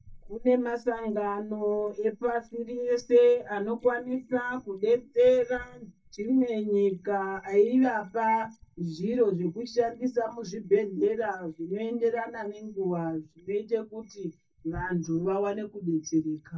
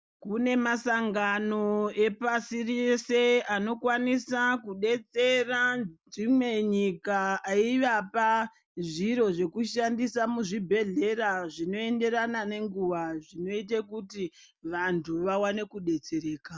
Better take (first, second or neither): second